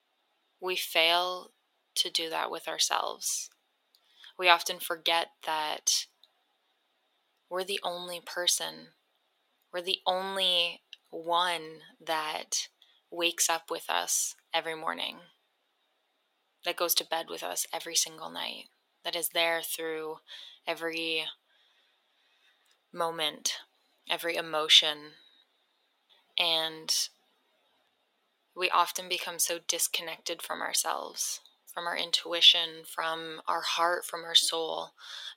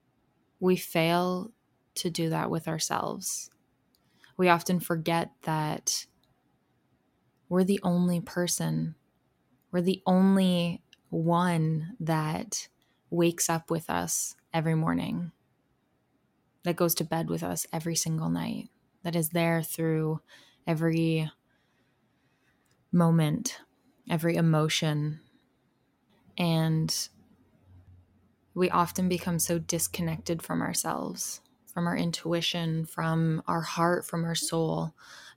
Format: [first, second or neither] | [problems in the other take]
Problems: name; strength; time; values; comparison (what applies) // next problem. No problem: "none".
second | thin; very; fading below 500 Hz